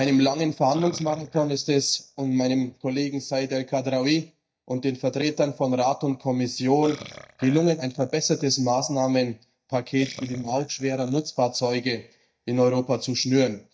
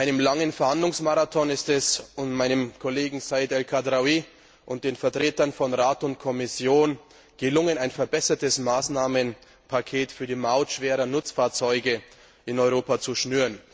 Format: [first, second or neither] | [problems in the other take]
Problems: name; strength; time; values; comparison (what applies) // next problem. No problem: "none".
second | noise reduction (neural mask model DeepFilterNet 3)